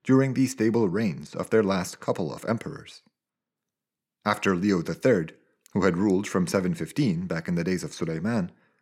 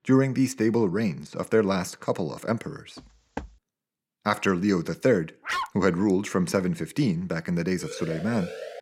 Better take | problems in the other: first | footsteps; faint; at 3 s; peak 15 dB below the speech // dog barking; noticeable; at 5.5 s; peak 4 dB below the speech // siren; faint; from 8 s on; peak 10 dB below the speech

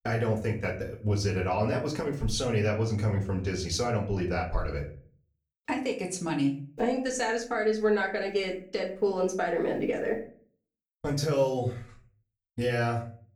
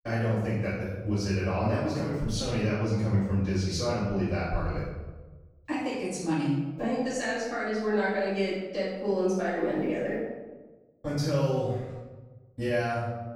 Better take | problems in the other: first | room echo; strong; dies away in 1.1 s; slight in the first // off-mic speech; far; far in the first

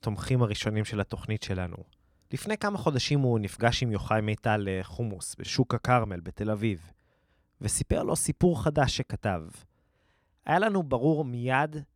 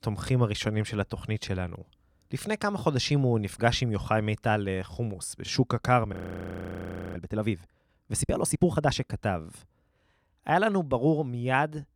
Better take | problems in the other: first | audio freezing; at 6 s for 1 s

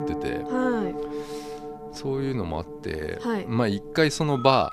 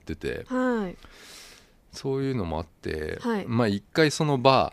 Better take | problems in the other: second | background music; loud; throughout; 9 dB below the speech

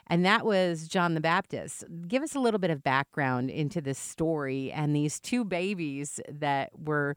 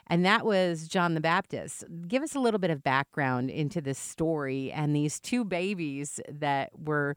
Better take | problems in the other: neither | none

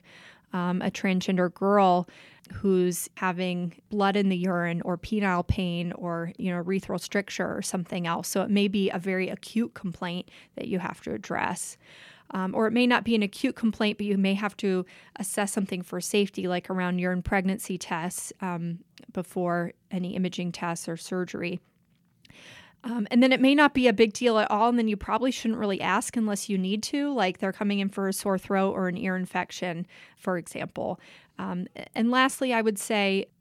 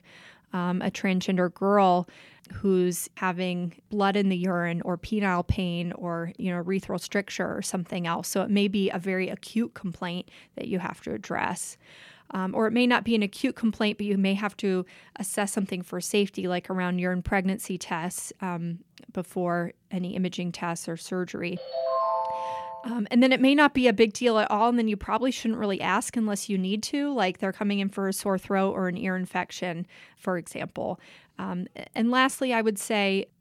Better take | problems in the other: first | phone ringing; loud; from 22 to 23 s; peak 1 dB above the speech

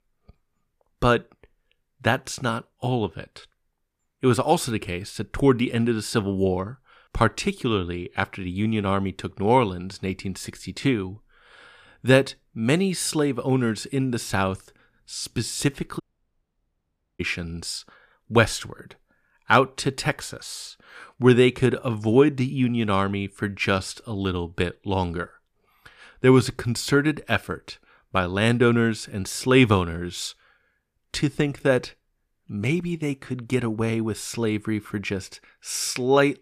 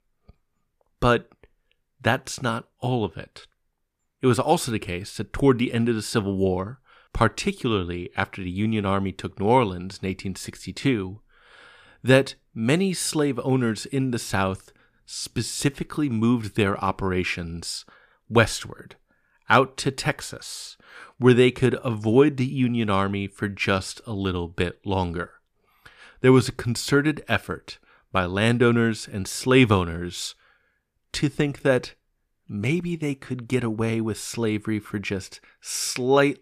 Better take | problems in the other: second | audio cutting out; at 16 s for 1 s

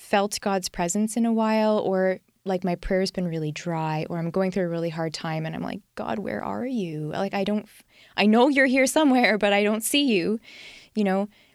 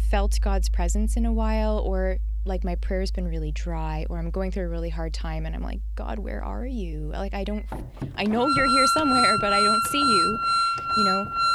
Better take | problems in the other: first | background music; very loud; throughout; 4 dB above the speech

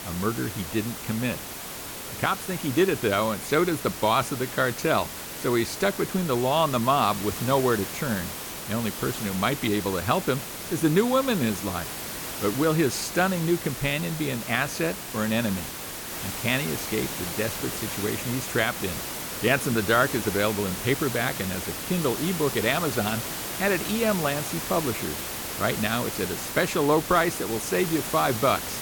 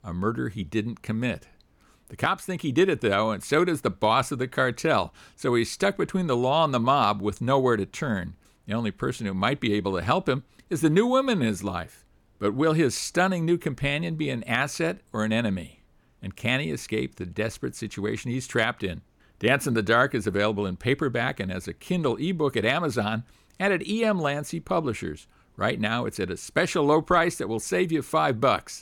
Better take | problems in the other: second | hiss; loud; throughout; 6 dB below the speech

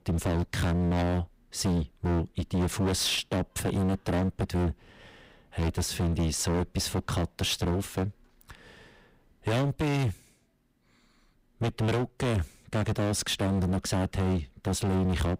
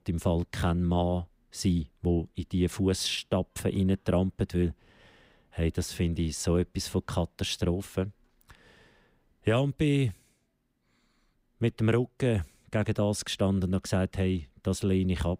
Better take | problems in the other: second | distortion; heavy; 24% of the sound clipped

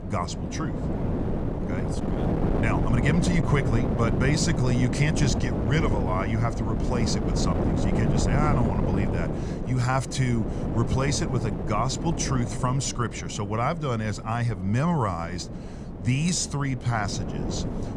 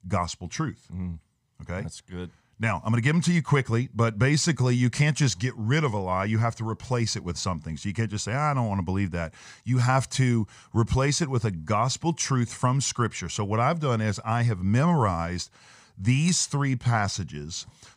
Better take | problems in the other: second | wind noise on the microphone; heavy; 4 dB below the speech

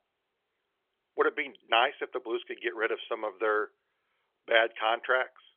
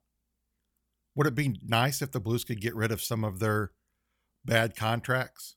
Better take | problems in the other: second | phone-call audio; nothing above 3.5 kHz

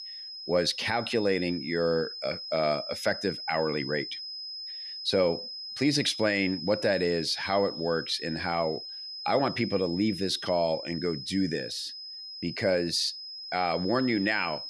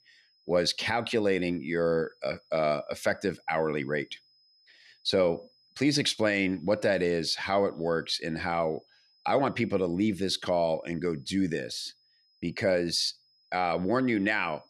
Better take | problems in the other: second | high-pitched whine; loud; throughout; 5 kHz, 8 dB below the speech; faint in the second

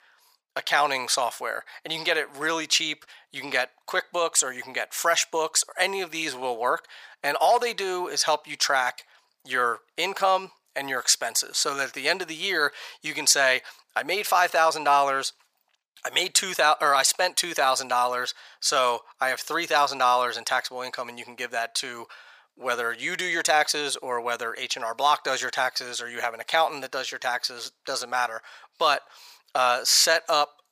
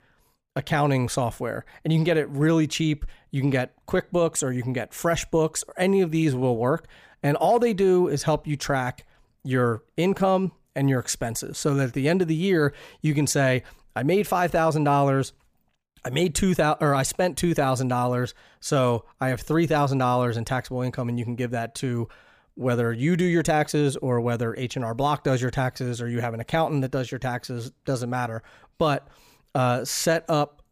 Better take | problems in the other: second | thin; very; fading below 950 Hz

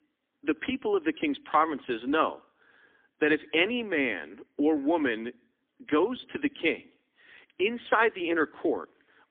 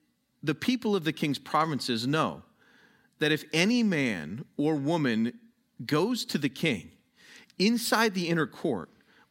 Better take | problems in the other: second | phone-call audio; poor line; nothing above 3.5 kHz

